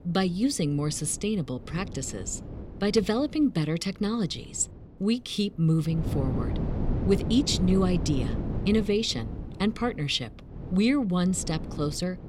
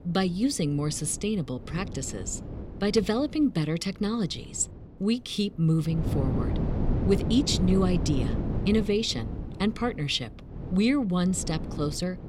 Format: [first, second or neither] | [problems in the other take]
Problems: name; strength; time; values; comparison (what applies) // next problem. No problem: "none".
first | wind noise on the microphone; heavy; 9 dB below the speech; occasional gusts in the first